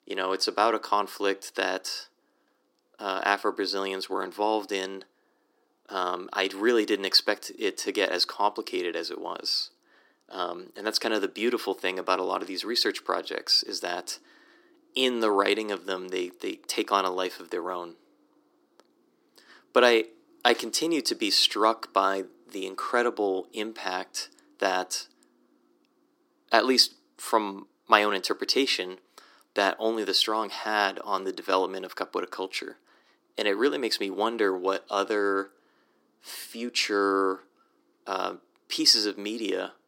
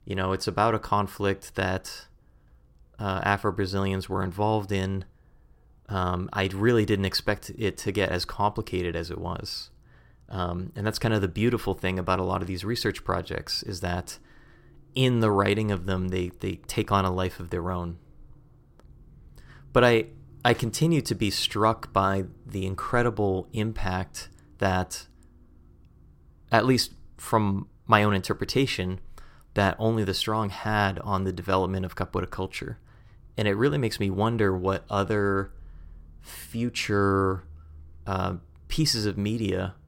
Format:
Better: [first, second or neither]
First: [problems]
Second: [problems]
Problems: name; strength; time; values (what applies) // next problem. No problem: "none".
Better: second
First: thin; somewhat; fading below 250 Hz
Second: none